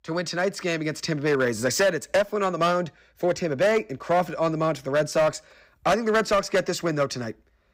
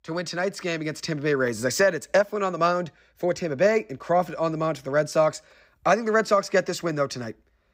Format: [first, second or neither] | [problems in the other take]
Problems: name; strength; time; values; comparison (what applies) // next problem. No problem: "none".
second | distortion; slight; 6% of the sound clipped